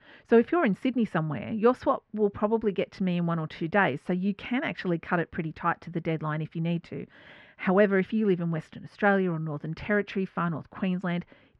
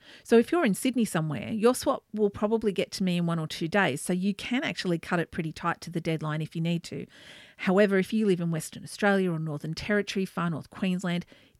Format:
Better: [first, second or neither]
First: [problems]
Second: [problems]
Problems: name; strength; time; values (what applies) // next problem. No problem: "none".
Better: second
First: muffled; very; fading above 2 kHz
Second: none